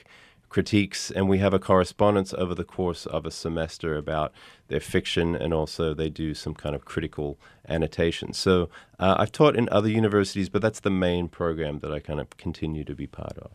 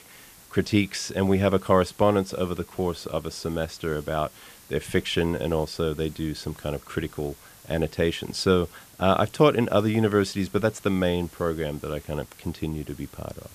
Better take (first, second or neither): first